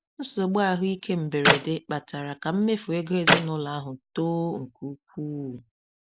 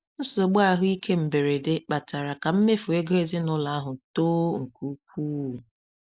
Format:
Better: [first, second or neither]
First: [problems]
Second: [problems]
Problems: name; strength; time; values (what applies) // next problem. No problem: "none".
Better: second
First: background sound (Clapping); 2 dB above the speech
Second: none